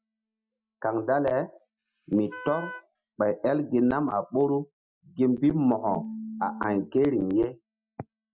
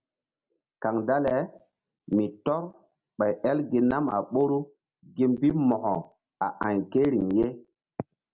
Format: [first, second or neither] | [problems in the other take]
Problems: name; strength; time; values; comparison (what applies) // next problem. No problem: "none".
second | noise reduction (classical method Wiener filter)